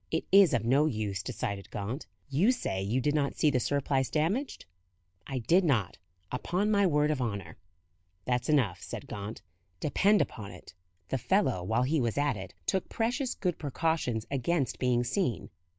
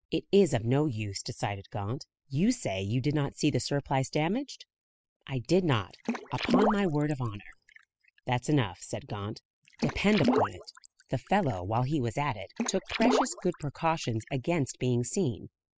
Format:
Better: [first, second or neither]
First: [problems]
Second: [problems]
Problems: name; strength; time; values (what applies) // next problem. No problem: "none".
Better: first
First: none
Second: noise reduction (classical method spectral subtraction)